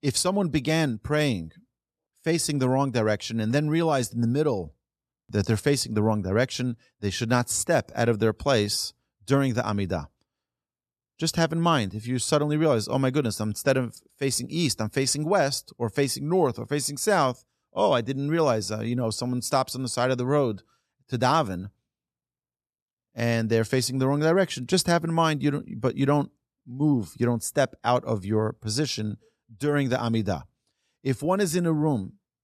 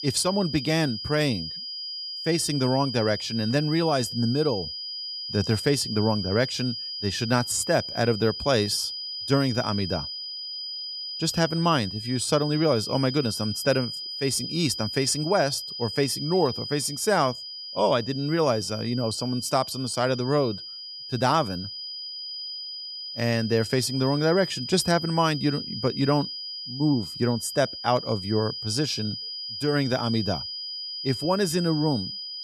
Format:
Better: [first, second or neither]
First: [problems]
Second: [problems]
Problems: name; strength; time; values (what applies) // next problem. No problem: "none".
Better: first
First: none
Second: high-pitched whine; loud; throughout; 5 kHz, 7 dB below the speech